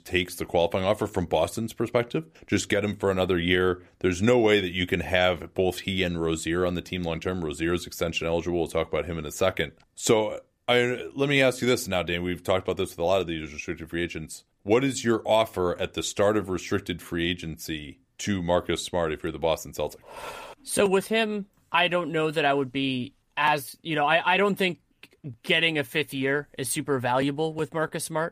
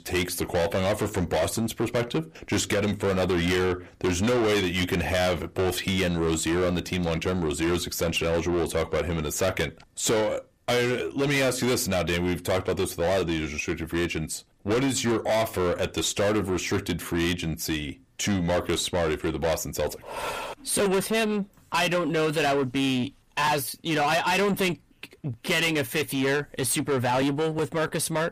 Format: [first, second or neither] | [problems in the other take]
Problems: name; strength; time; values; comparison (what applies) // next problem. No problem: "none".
first | distortion; heavy; 6 dB below the speech